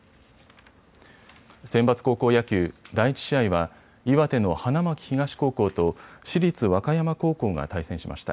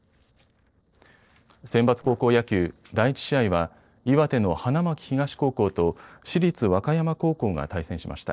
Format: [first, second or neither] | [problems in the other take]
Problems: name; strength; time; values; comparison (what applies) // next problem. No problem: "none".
first | noise reduction (neural separator model SepFormer DNS4)